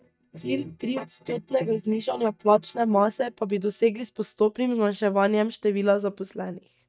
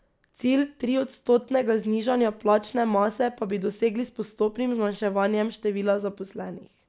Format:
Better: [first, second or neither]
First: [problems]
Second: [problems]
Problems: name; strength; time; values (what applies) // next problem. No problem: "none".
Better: second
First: noise reduction (neural mask model DeepFilterNet 3)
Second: none